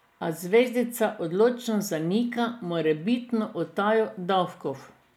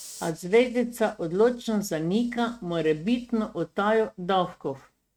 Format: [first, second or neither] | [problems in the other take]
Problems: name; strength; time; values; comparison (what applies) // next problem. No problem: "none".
first | noise reduction (neural mask model RNNoise)